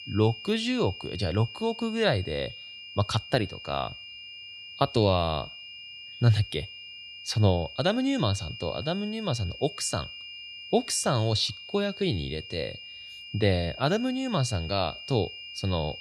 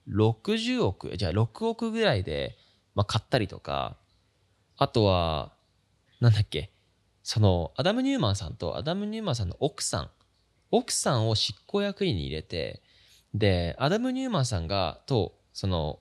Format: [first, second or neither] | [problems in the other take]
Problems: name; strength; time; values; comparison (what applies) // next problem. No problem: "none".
second | high-pitched whine; noticeable; throughout; 3 kHz, 10 dB below the speech